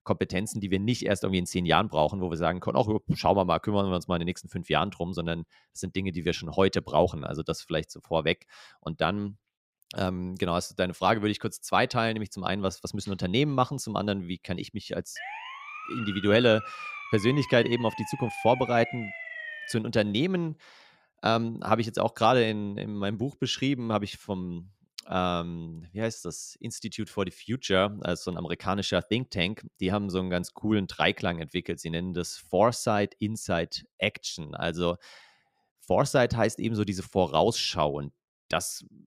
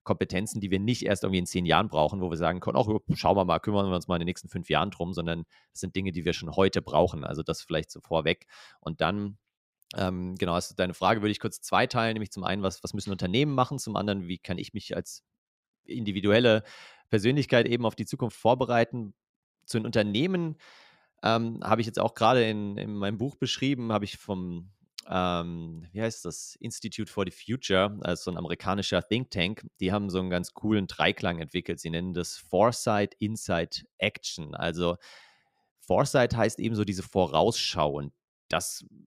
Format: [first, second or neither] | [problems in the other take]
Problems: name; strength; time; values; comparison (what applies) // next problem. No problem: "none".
second | siren; noticeable; from 15 to 20 s; peak 8 dB below the speech